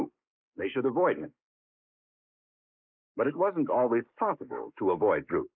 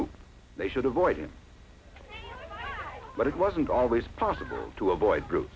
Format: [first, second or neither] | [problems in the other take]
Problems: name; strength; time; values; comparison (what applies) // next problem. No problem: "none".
second | noise reduction (neural mask model Resemble Enhance denoiser)